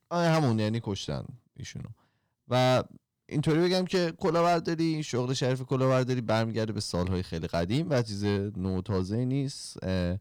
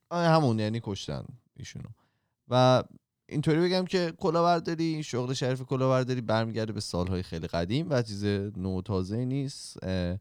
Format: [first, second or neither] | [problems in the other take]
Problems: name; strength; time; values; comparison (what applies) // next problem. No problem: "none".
second | distortion; slight; 5% of the sound clipped